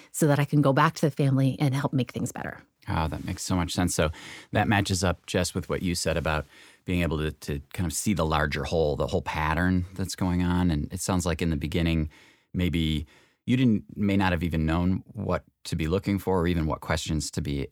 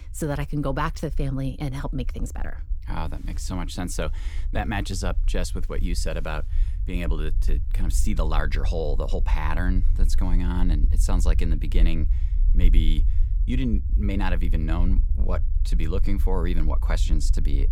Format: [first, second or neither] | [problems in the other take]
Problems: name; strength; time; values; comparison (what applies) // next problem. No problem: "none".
first | low rumble; noticeable; throughout; 15 dB below the speech